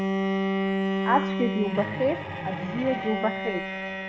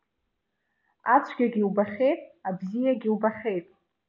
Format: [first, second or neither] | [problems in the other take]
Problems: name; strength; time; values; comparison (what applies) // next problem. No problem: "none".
second | background sound (Bowed string instrument); 1 dB above the speech